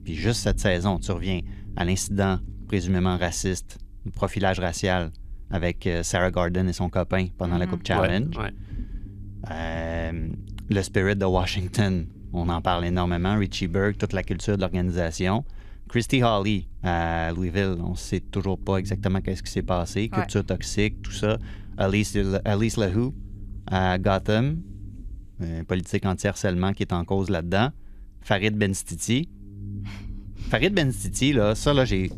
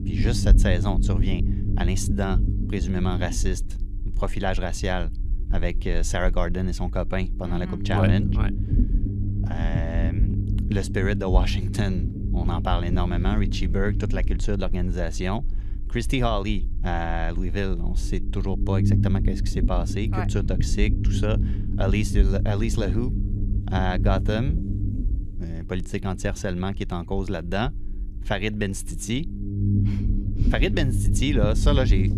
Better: first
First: low rumble; faint; throughout; 25 dB below the speech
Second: low rumble; loud; throughout; 8 dB below the speech

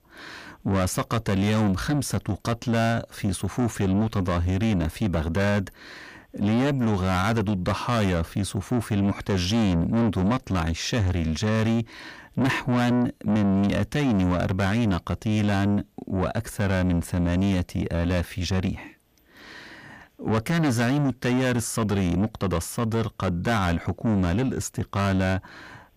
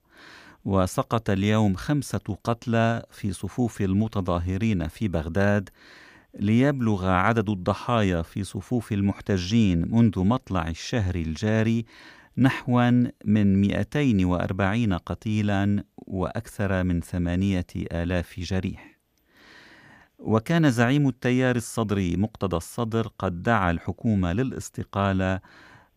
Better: second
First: distortion; heavy; 7 dB below the speech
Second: none

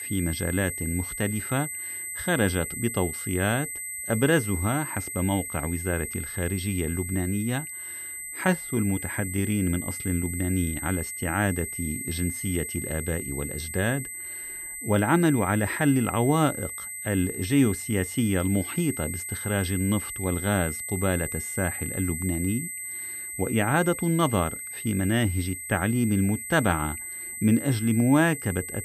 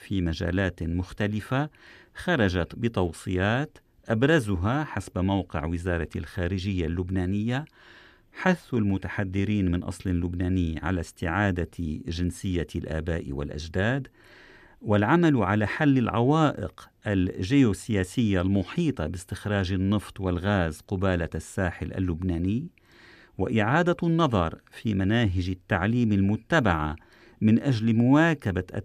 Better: second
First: high-pitched whine; loud; throughout; 8 kHz, 6 dB below the speech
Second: none

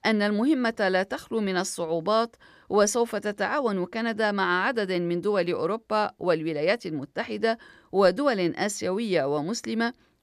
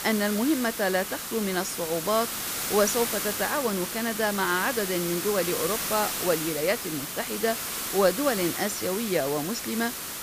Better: first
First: none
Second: hiss; loud; throughout; 3 dB below the speech

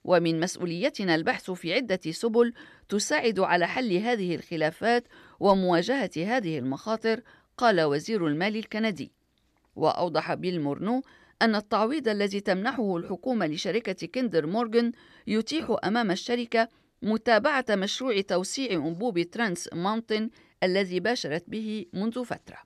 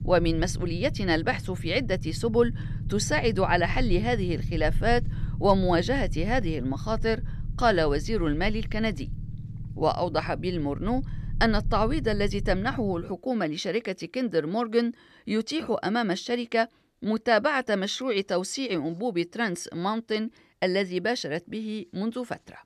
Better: first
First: none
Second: low rumble; noticeable; until 13 s; 20 dB below the speech

